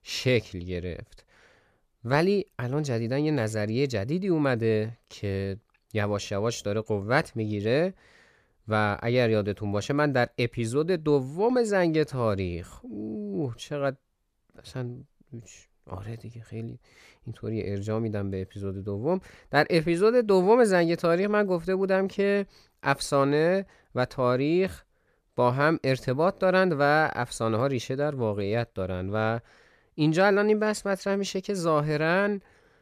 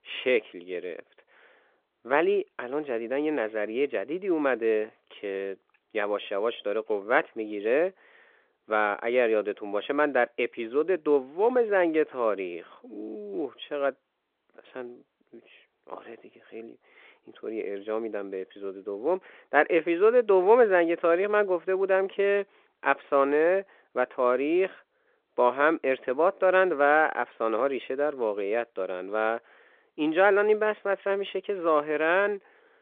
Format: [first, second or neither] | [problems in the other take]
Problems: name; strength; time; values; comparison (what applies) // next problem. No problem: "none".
first | phone-call audio; nothing above 3.5 kHz